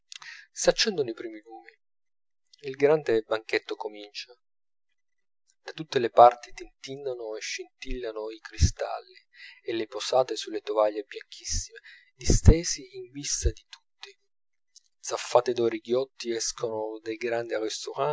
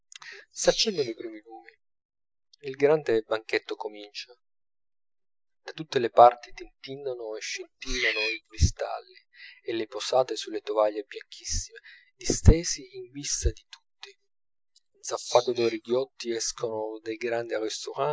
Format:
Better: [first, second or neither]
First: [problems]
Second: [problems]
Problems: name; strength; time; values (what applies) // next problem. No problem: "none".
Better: first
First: none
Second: noise reduction (neural mask model Resemble Enhance denoiser)